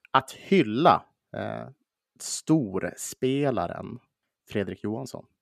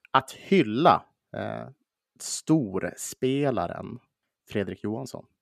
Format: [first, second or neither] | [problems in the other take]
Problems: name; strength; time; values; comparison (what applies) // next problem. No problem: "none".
neither | none